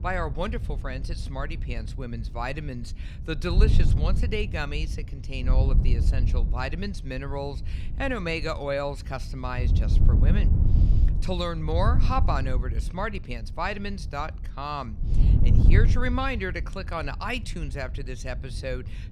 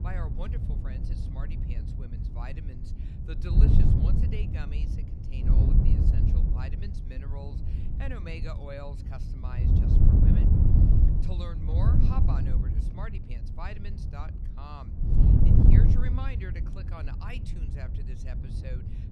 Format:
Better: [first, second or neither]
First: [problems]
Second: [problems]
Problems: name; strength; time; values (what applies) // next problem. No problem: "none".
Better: first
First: wind noise on the microphone; occasional gusts; 10 dB below the speech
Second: wind noise on the microphone; heavy; 5 dB above the speech